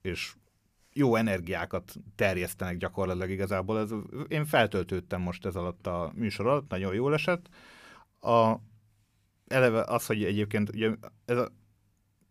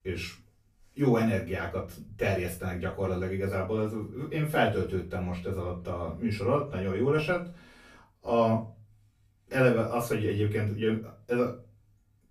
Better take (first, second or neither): first